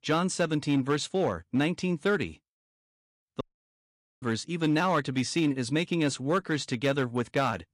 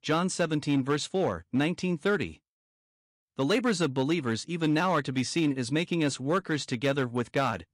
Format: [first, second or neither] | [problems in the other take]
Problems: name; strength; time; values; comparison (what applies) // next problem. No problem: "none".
second | audio cutting out; at 3.5 s for 1 s